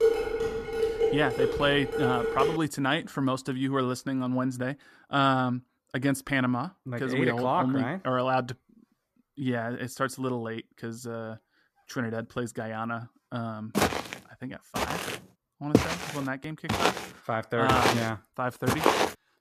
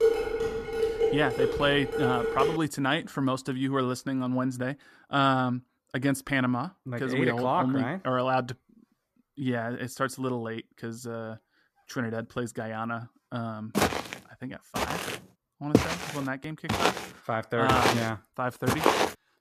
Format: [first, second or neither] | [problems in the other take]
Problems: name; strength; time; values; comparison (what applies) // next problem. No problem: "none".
neither | clattering dishes; loud; until 2.5 s; peak 5 dB above the speech; the same in both // footsteps; loud; from 14 s on; peak 6 dB above the speech; the same in both